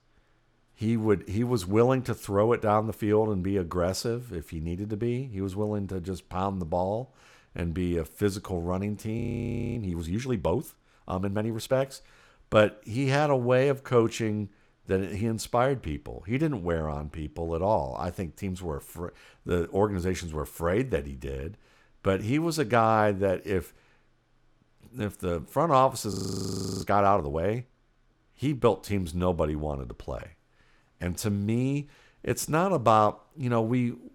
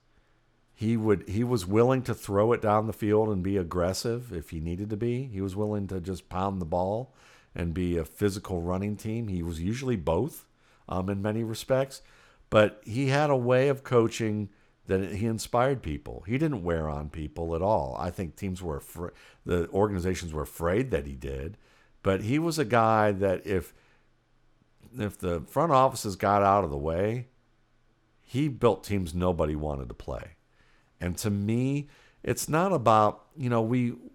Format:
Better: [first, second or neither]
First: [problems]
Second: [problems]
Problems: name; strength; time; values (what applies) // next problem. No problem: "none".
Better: second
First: audio freezing; at 9 s for 0.5 s and at 26 s for 0.5 s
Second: none